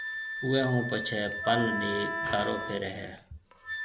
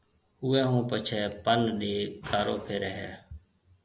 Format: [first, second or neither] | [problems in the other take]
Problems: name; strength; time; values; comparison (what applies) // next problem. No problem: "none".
second | background sound (Wind instrument, woodwind instrument + Wind instrument, woodwind instrument); 4 dB below the speech